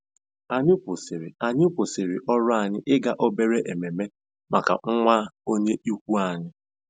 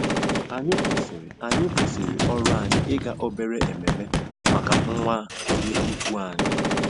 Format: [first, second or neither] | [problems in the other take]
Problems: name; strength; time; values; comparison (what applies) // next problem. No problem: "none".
first | background sound (Gunshot, gunfire); 5 dB above the speech